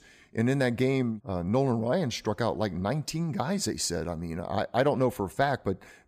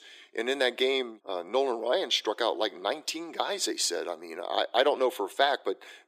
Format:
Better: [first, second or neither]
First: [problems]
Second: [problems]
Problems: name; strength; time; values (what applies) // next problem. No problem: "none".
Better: first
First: none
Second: thin; very; fading below 350 Hz